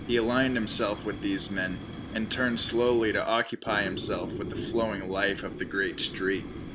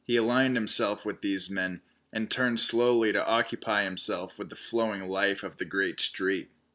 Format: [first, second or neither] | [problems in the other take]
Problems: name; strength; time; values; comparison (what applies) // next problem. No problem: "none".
second | background sound (Fire); 9 dB below the speech